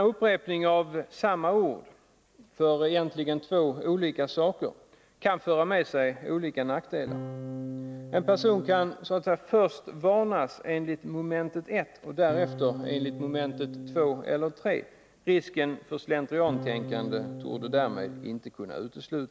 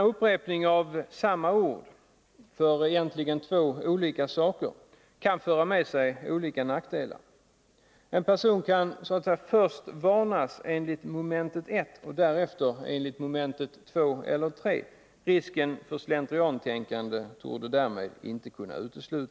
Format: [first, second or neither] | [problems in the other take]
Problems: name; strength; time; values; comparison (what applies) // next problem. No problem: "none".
second | background sound (Electric guitar / Strum); 9 dB below the speech